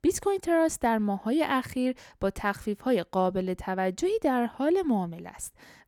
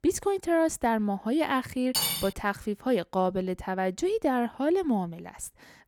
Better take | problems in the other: first | clattering dishes; loud; at 2 s; peak 2 dB above the speech

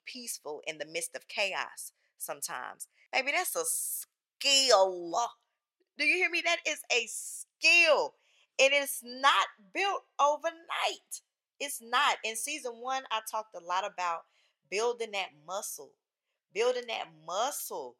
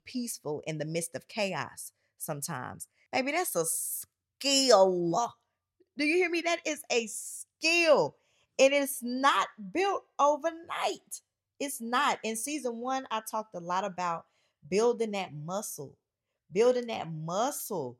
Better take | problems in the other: second | thin; somewhat; fading below 550 Hz

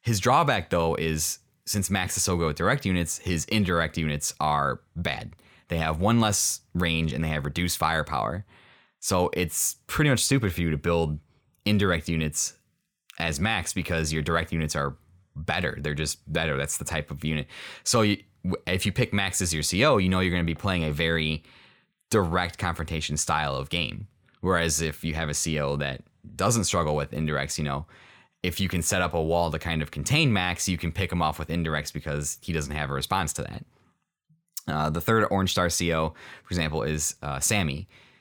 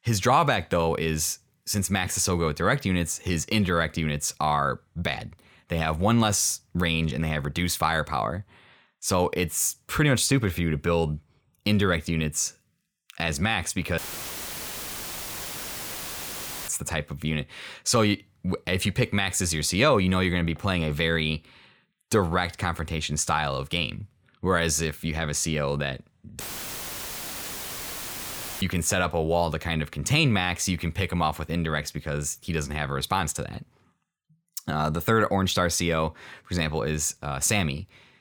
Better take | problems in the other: first | audio cutting out; filled with static; at 14 s for 2.5 s and at 26 s for 2 s

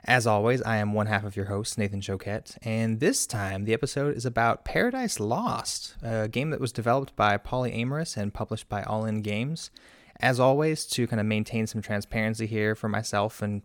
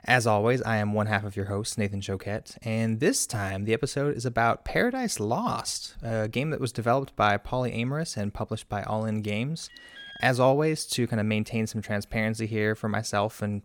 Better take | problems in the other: first | alarm; faint; at 9.5 s; peak 15 dB below the speech

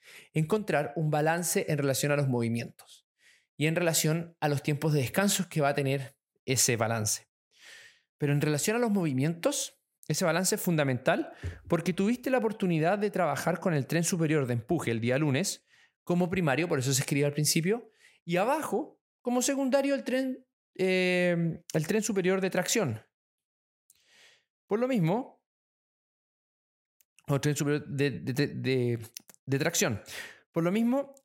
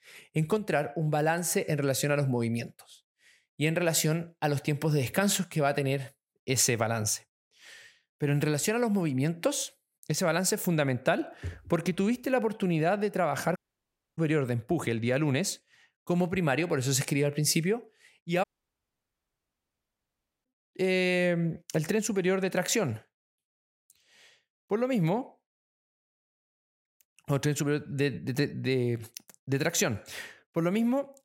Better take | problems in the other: first | audio cutting out; at 14 s for 0.5 s and at 18 s for 2 s

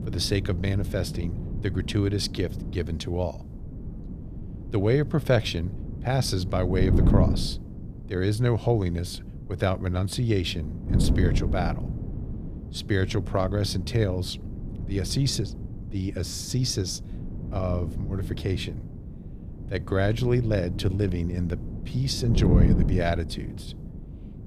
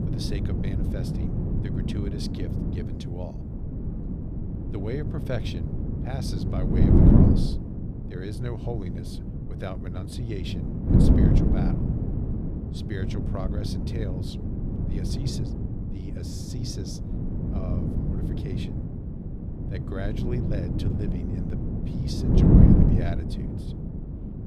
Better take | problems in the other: first | wind noise on the microphone; heavy; 5 dB above the speech; occasional gusts in the first

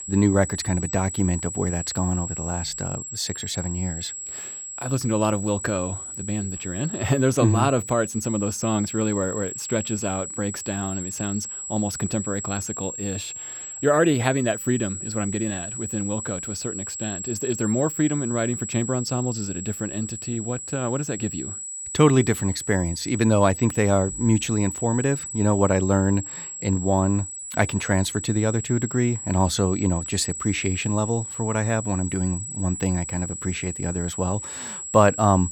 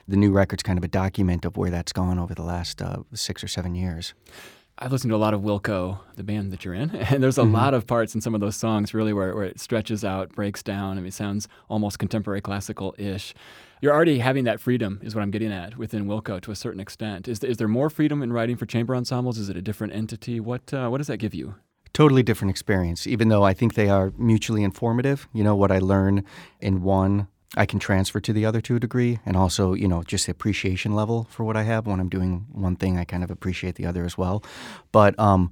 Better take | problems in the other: second | high-pitched whine; loud; throughout; 8 kHz, 7 dB below the speech

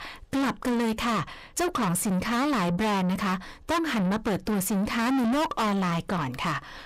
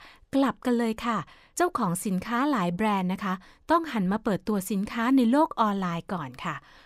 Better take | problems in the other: second | distortion; heavy; 6 dB below the speech

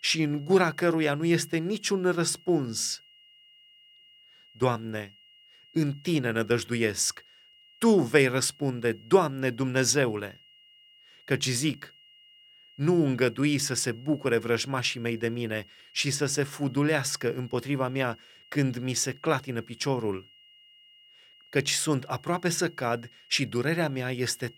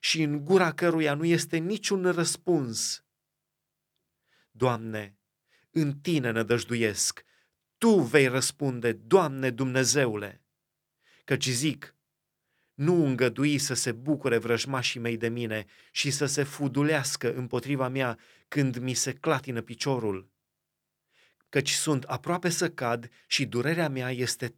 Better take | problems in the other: second | high-pitched whine; faint; throughout; 3 kHz, 25 dB below the speech

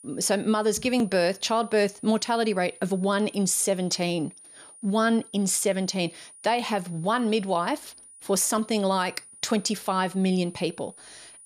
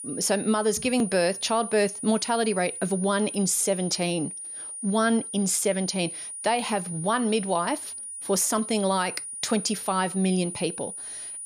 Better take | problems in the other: first | high-pitched whine; loud; throughout; 9.5 kHz, 8 dB below the speech; faint in the first

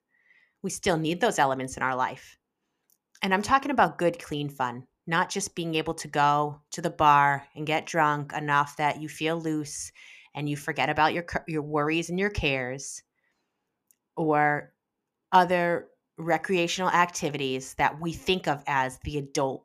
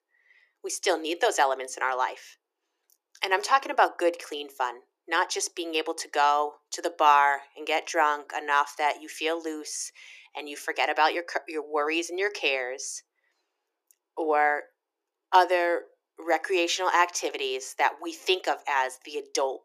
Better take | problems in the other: first | thin; very; fading below 350 Hz

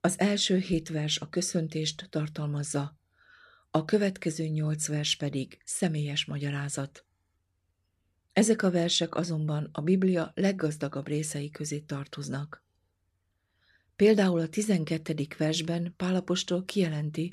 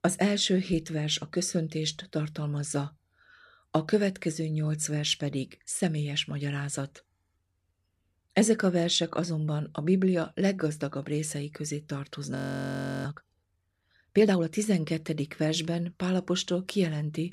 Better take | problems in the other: first | audio freezing; at 12 s for 0.5 s

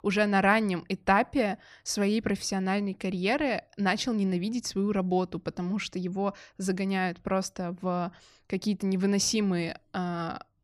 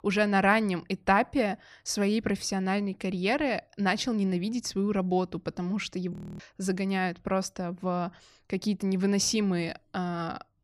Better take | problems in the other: first | audio freezing; at 6 s

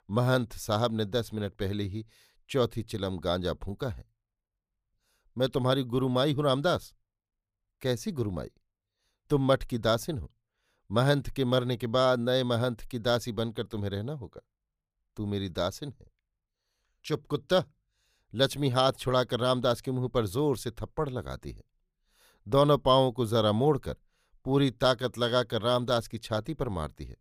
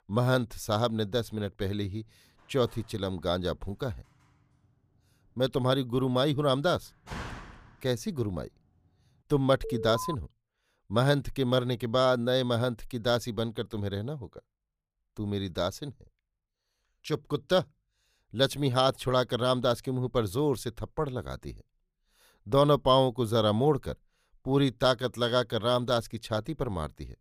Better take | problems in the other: first | door banging; faint; from 2.5 to 7.5 s; peak 10 dB below the speech // alarm; noticeable; at 9.5 s; peak 8 dB below the speech

